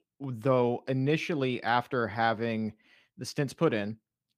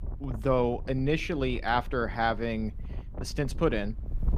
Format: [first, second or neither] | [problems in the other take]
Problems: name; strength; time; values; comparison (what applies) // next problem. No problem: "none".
first | wind noise on the microphone; occasional gusts; 20 dB below the speech